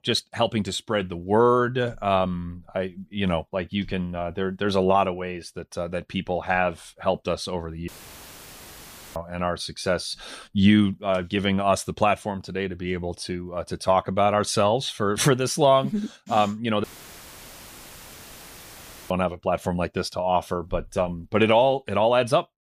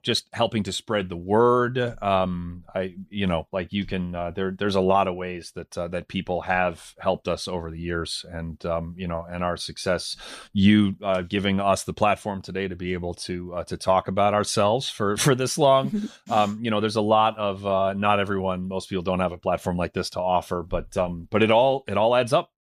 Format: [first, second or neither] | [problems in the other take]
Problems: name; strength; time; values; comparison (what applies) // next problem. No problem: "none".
second | audio cutting out; filled with static; at 8 s for 1.5 s and at 17 s for 2.5 s